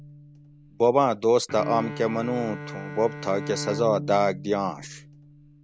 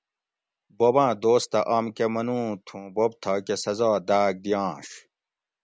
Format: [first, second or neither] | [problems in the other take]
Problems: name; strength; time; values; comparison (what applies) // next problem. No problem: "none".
second | background sound (Bowed string instrument); 11 dB below the speech